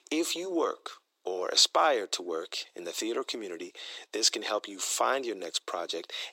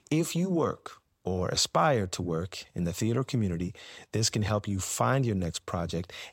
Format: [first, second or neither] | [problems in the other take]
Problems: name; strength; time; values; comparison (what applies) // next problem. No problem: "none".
second | thin; very; fading below 300 Hz